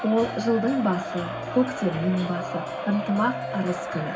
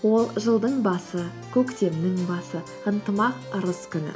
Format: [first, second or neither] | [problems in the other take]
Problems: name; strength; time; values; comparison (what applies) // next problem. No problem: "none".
second | background sound (Crowd); 7 dB below the speech // room echo; dies away in 0.4 s